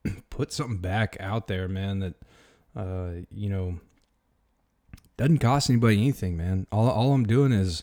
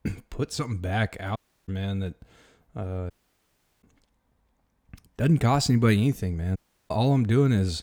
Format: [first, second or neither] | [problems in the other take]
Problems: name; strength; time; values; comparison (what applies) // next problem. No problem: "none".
first | audio cutting out; at 1.5 s, at 3 s for 0.5 s and at 6.5 s